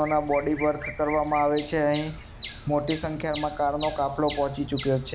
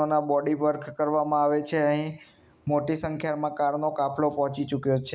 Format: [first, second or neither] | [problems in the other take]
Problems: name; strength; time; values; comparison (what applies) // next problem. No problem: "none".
second | background sound (Bird vocalization, bird call, bird song); 13 dB below the speech